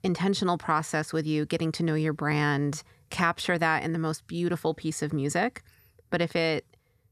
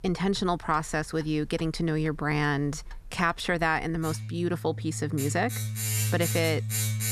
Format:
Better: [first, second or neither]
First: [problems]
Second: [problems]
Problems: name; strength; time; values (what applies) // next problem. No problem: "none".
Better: first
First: none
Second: household noises; loud; throughout; 3 dB below the speech